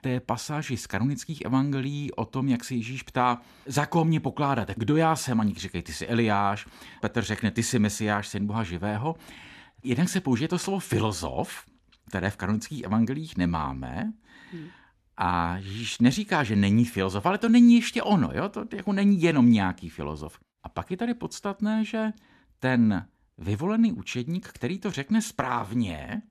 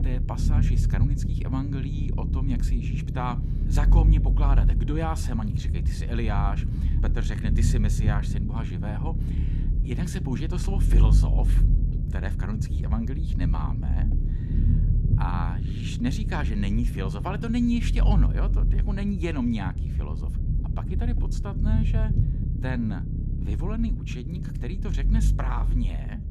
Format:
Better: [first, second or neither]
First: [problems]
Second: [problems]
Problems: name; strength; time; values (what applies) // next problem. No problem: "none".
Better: first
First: none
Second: low rumble; loud; throughout; 5 dB below the speech